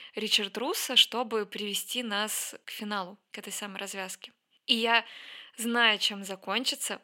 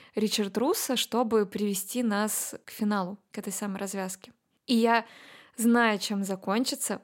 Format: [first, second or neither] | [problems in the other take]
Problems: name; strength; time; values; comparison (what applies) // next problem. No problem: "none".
second | thin; very slightly; fading below 800 Hz